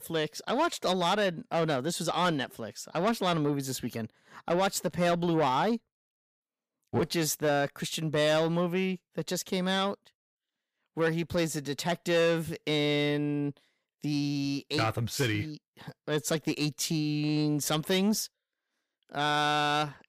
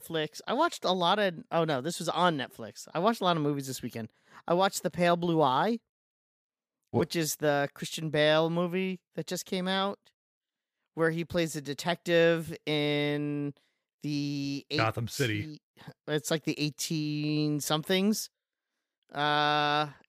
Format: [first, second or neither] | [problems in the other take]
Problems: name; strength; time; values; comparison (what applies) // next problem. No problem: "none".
second | distortion; slight; 10 dB below the speech